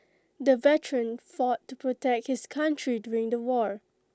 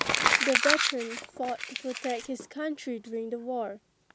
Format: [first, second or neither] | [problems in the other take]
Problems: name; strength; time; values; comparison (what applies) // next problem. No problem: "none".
first | background sound (Crumpling, crinkling); 2 dB above the speech